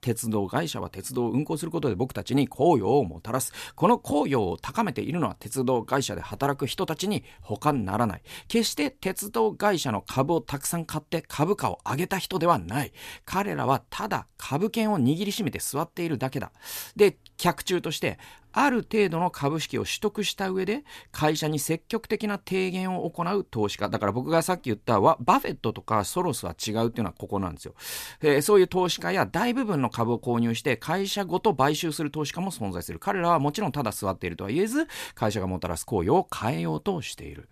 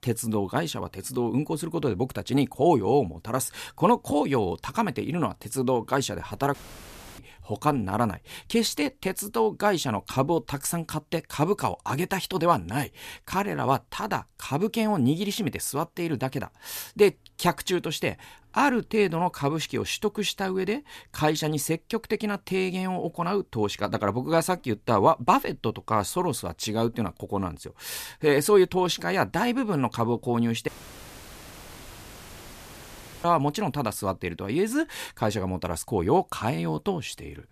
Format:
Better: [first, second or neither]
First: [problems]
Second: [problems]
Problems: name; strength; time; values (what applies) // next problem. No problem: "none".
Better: first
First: none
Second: audio cutting out; filled with static; at 6.5 s for 0.5 s and at 31 s for 2.5 s